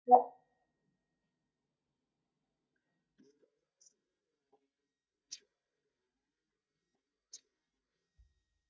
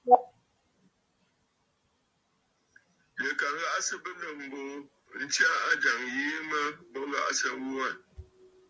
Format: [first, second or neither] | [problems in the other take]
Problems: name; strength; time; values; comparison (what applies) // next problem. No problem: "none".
second | noise reduction (neural mask model DeepFilterNet 3)